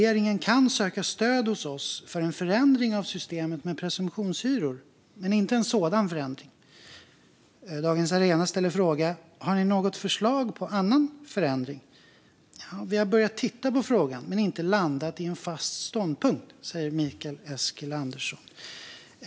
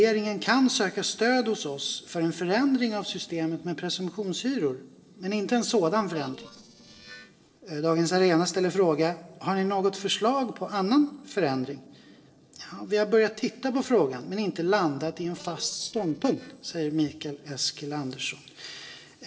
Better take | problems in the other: first | noise reduction (neural separator model SepFormer DNS4)

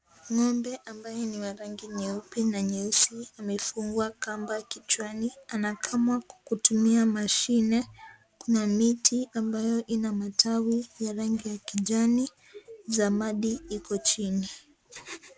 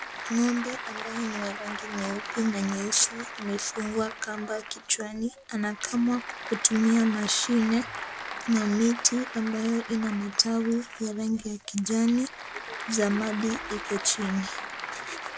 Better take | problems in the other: first | background sound (Applause / Crowd); 10 dB below the speech

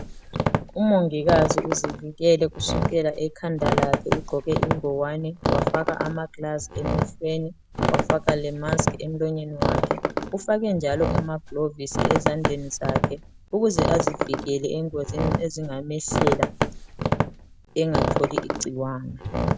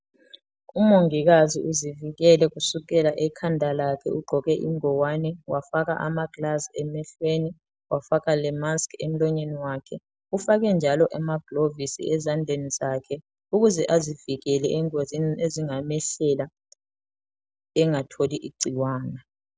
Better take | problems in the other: second | background sound (Squeak); as loud as the speech

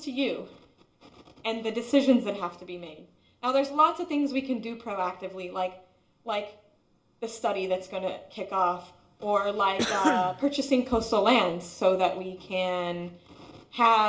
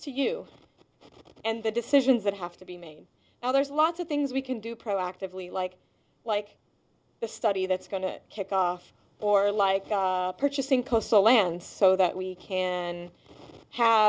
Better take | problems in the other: second | background sound (Cough); 3 dB below the speech // room echo; dies away in 0.4 s

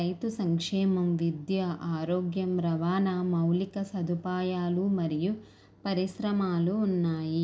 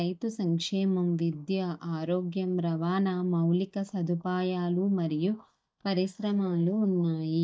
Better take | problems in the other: first | noise reduction (neural mask model DeepFilterNet 3)

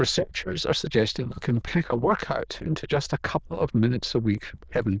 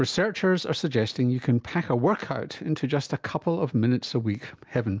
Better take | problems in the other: second | noise reduction (neural diffusion model UNIVERSE++)

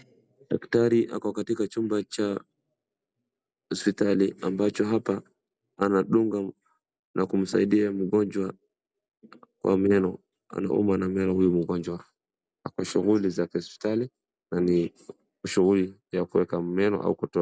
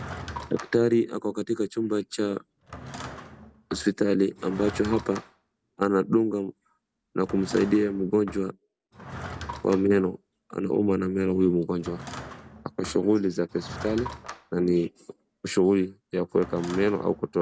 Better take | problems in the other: first | background sound (Drawer open or close / Wood); 16 dB below the speech

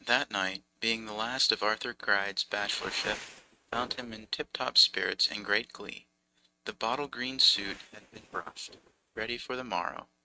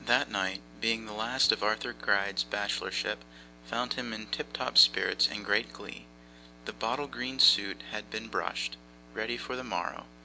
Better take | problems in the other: second | noise reduction (neural mask model RNNoise)

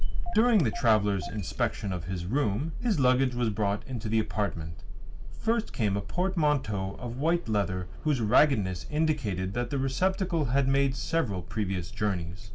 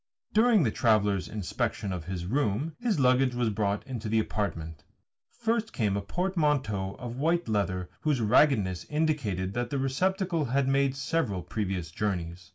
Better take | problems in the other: second | background sound (Engine starting / Car); 3 dB below the speech

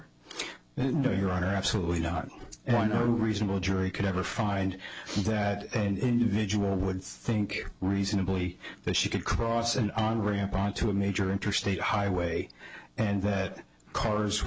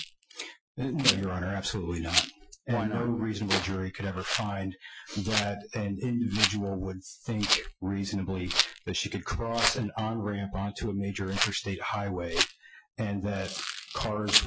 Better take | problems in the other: first | noise reduction (classical method Wiener filter)

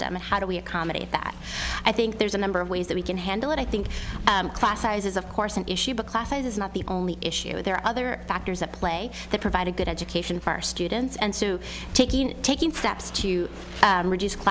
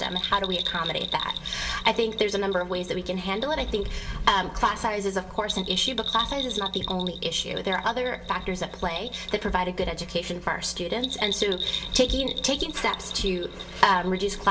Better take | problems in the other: first | background sound (Bell); 9 dB below the speech // room echo; dies away in 0.2 s

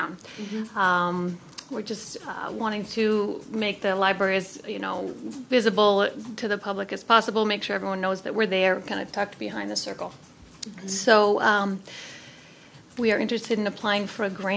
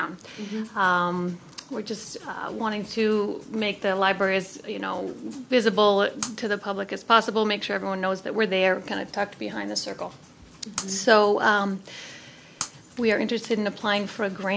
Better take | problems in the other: first | background sound (Shatter); 16 dB below the speech

